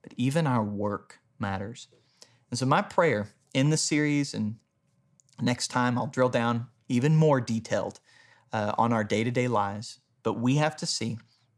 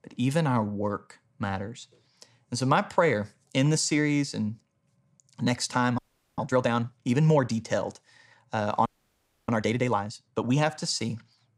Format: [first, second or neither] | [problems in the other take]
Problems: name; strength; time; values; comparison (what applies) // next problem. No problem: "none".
first | audio freezing; at 6 s and at 9 s for 0.5 s